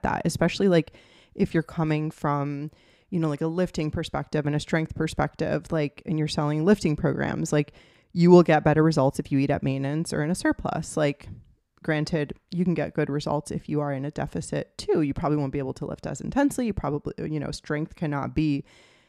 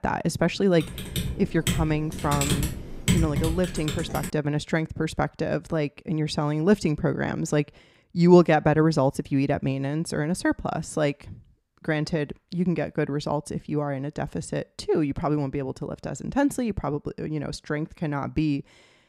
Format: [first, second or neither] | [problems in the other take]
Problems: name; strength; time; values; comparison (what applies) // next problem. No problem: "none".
first | keyboard typing; loud; from 1 to 4.5 s; peak 2 dB above the speech